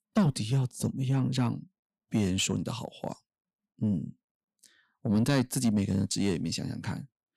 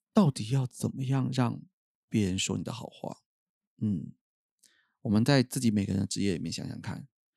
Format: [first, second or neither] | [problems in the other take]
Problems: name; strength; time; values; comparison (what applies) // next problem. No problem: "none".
second | distortion; slight; 10 dB below the speech